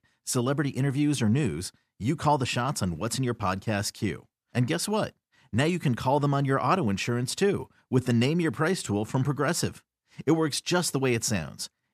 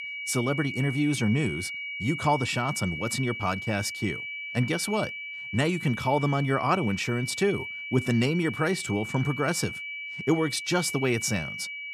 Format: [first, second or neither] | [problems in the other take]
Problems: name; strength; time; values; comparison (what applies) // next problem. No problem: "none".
first | high-pitched whine; loud; throughout; 2.5 kHz, 7 dB below the speech